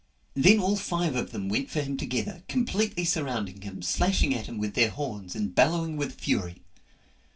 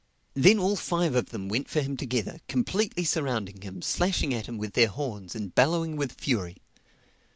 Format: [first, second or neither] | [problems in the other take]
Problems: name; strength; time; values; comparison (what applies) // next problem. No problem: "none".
second | room echo; dies away in 0.2 s